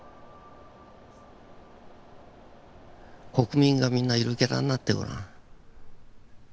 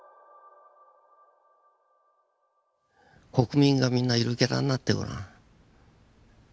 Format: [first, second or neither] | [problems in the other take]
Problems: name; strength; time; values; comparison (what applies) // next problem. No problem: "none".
second | background sound (Mechanisms); 18 dB below the speech